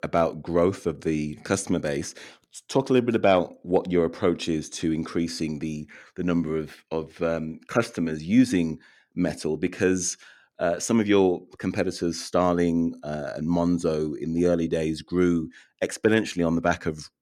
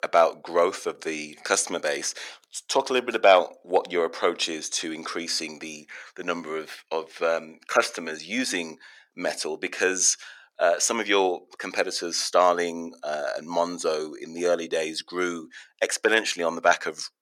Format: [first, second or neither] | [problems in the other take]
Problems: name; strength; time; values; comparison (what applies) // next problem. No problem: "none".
first | thin; very; fading below 700 Hz